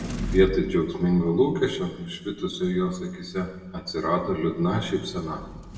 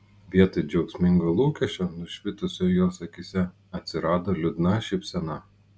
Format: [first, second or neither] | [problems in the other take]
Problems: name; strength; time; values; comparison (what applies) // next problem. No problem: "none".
second | background sound (Sliding door); 12 dB below the speech // room echo; dies away in 1 s